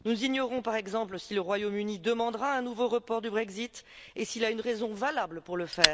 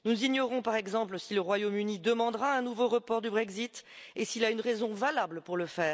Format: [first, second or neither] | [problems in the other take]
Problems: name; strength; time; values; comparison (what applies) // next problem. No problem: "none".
second | background sound (Fire); 7 dB below the speech